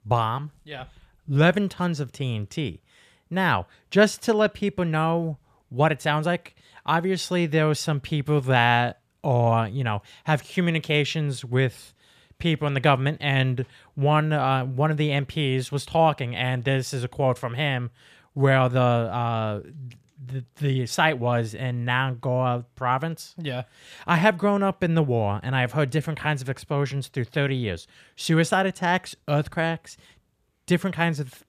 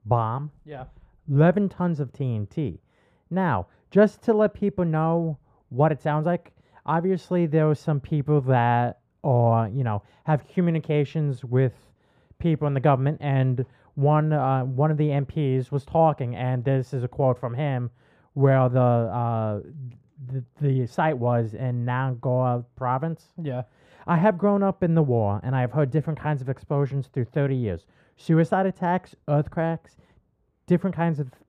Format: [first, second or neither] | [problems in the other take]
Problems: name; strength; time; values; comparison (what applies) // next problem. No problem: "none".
first | muffled; very; fading above 1.5 kHz